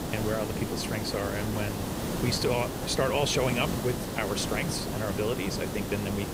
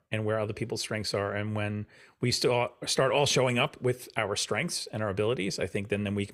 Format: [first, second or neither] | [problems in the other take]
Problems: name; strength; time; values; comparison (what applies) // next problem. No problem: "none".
second | hiss; loud; throughout; 2 dB below the speech